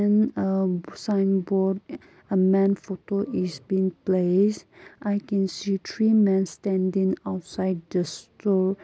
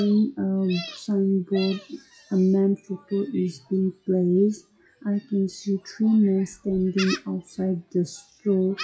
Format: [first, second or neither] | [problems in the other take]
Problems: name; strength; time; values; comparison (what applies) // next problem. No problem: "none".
first | noise reduction (classical method WPE with log-MMSE)